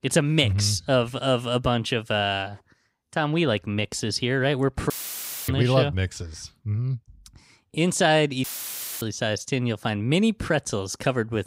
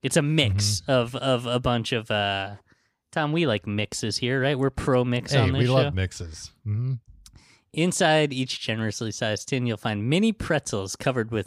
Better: second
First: audio cutting out; filled with static; at 5 s for 0.5 s and at 8.5 s for 0.5 s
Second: none

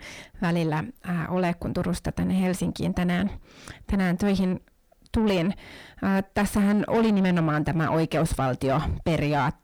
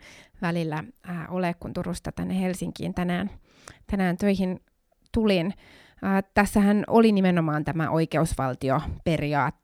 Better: second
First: distortion; heavy; 7 dB below the speech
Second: none

